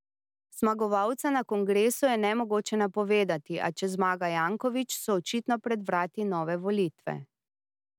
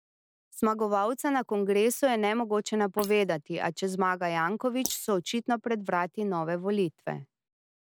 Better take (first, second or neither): first